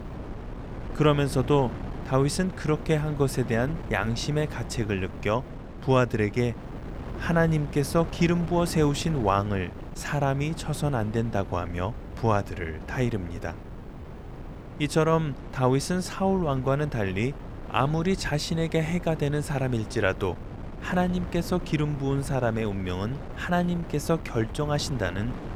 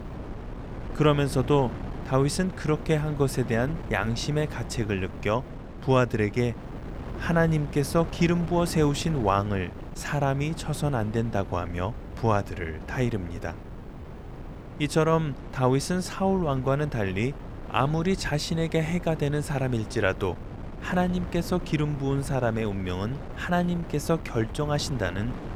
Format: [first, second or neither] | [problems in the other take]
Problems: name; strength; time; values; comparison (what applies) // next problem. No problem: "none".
neither | wind noise on the microphone; occasional gusts; 15 dB below the speech; the same in both